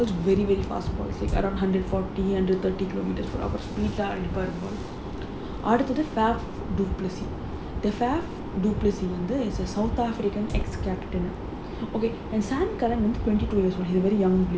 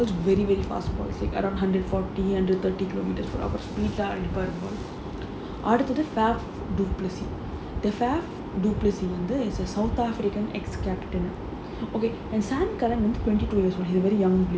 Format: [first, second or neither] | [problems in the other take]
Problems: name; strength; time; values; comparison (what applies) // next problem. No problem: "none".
second | background sound (Fire); 13 dB below the speech